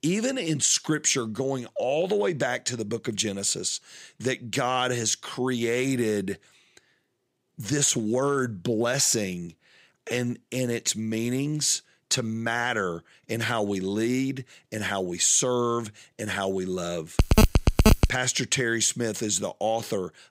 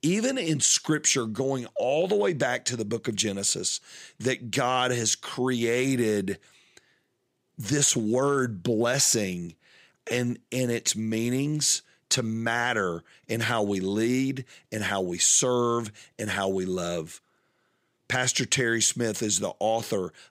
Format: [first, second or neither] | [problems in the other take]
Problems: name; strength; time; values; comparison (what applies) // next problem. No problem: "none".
second | phone ringing; loud; at 17 s; peak 6 dB above the speech